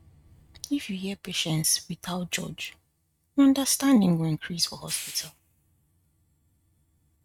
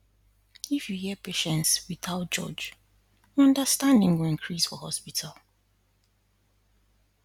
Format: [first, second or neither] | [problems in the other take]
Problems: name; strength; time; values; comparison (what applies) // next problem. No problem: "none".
second | noise reduction (neural mask model RNNoise)